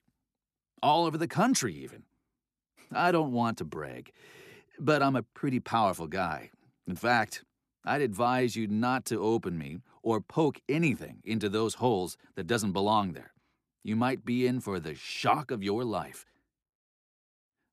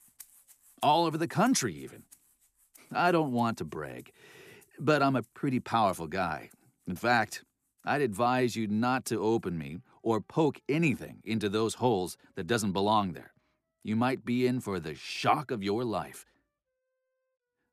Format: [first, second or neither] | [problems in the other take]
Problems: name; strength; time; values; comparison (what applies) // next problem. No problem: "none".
first | background music; faint; throughout; 30 dB below the speech